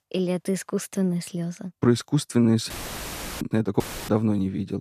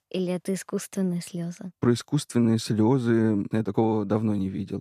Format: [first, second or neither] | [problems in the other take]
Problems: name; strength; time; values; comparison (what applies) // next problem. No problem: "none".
second | audio cutting out; filled with static; at 2.5 s for 0.5 s and at 4 s